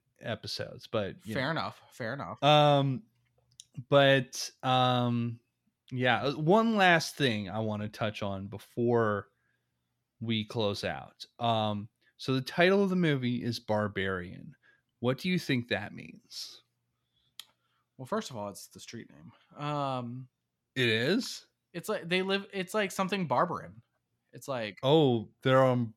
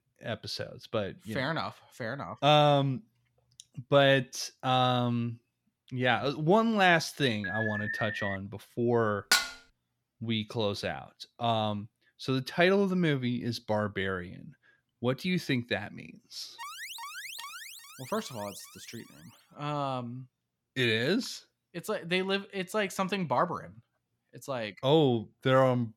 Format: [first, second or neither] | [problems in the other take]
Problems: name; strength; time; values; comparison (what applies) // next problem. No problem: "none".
first | alarm; noticeable; at 7.5 s; peak 4 dB below the speech // clattering dishes; loud; at 9.5 s; peak 3 dB above the speech // alarm; faint; from 17 to 19 s; peak 10 dB below the speech